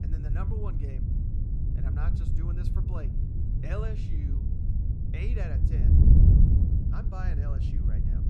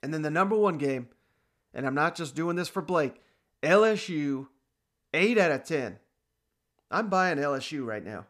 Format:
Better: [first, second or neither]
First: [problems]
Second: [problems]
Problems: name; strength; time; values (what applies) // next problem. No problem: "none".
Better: second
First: wind noise on the microphone; heavy; 3 dB above the speech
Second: none